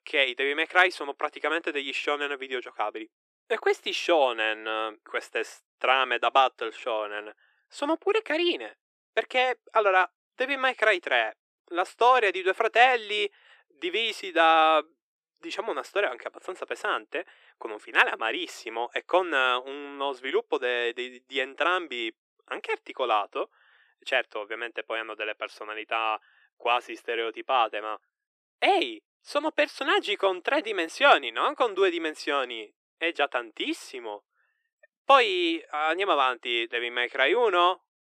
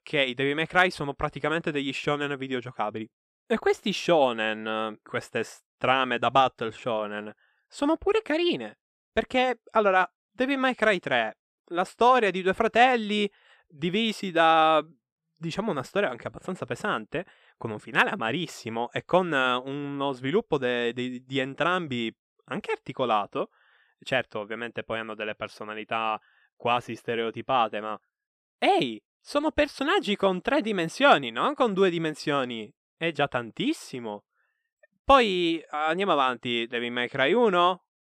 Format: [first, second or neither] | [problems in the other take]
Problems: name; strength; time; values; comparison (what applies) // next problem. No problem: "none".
second | thin; somewhat; fading below 350 Hz